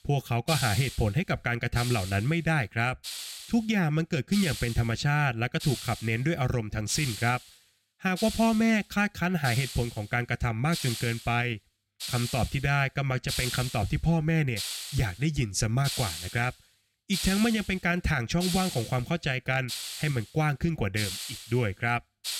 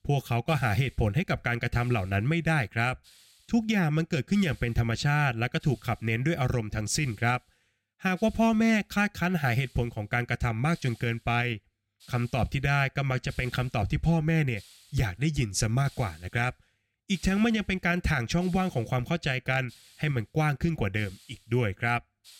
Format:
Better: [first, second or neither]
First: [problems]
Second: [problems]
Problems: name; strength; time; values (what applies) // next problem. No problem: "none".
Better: second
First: hiss; loud; throughout; 8 dB below the speech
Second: hiss; faint; throughout; 25 dB below the speech